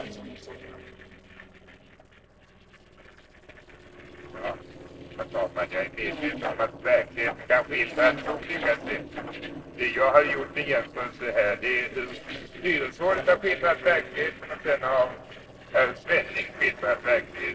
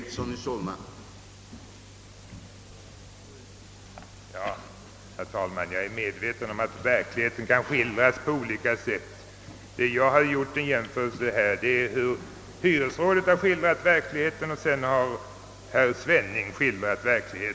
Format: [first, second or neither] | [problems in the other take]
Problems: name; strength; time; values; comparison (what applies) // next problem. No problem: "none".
second | noise reduction (neural separator model SepFormer DNS4)